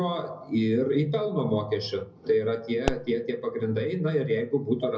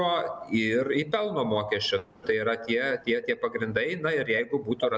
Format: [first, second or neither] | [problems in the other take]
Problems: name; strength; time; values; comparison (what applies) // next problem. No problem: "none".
second | background sound (Explosion); 9 dB below the speech // room echo; dies away in 0.4 s